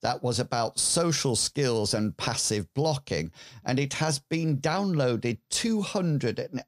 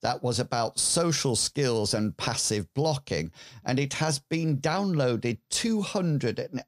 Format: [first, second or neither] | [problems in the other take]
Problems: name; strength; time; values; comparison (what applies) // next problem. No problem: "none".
neither | none